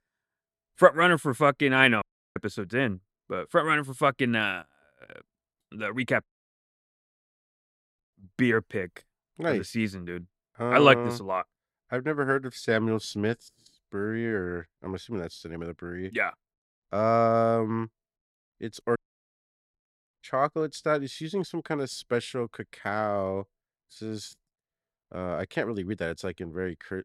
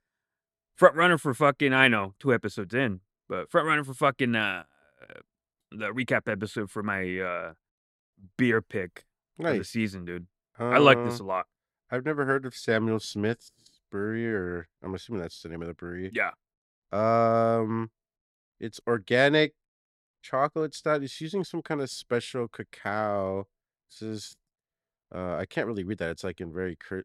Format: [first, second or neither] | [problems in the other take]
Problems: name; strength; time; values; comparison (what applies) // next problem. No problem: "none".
second | audio cutting out; at 2 s, at 6 s for 2 s and at 19 s for 1 s